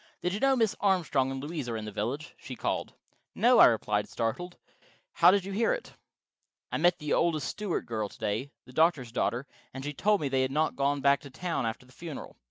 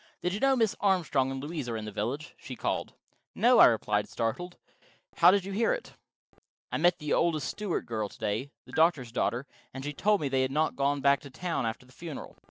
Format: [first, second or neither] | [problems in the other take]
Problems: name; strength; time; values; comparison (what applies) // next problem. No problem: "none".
first | noise reduction (neural separator model SepFormer DNS4)